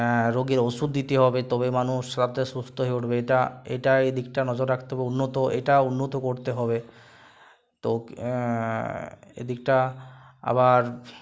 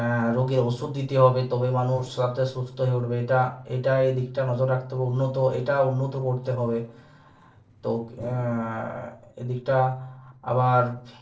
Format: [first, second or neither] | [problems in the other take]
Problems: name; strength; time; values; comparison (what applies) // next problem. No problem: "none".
first | noise reduction (neural separator model SepFormer DNS4)